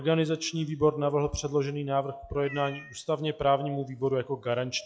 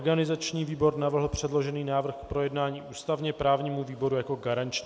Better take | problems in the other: second | noise reduction (classical method log-MMSE)

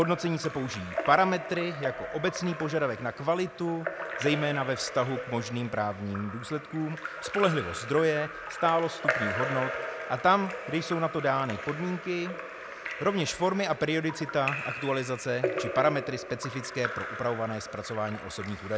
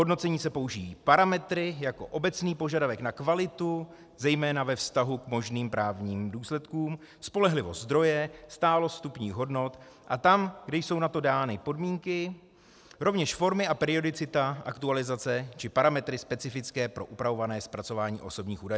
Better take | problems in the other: second | background sound (Drip / Trickle, dribble / Splash, splatter); 7 dB below the speech

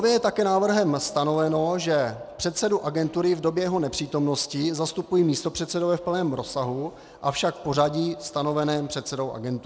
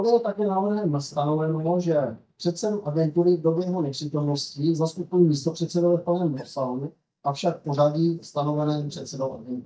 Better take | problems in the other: first | noise reduction (neural mask model DeepFilterNet 3)

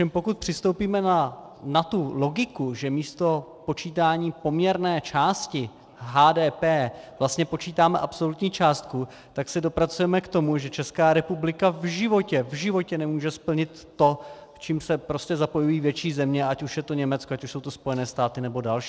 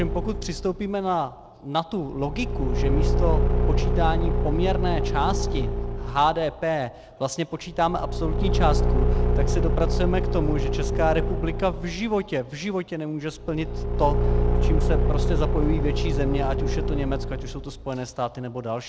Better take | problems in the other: first | background sound (Engine / Car); 4 dB above the speech

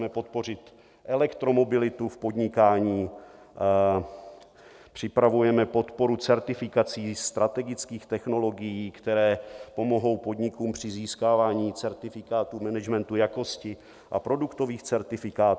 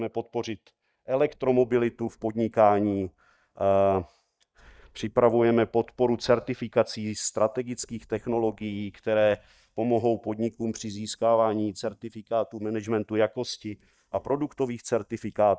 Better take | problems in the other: first | noise reduction (neural mask model DeepFilterNet 3)

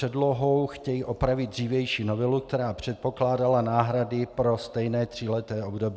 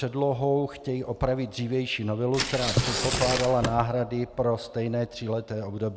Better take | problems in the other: first | background sound (Tearing + Drawer open or close); 2 dB below the speech

